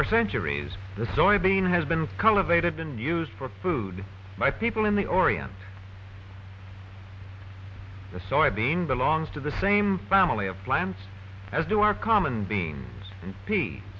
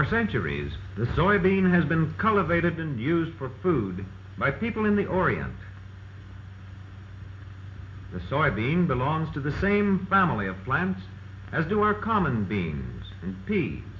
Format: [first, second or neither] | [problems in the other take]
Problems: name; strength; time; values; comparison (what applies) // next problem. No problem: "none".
first | room echo; dies away in 0.4 s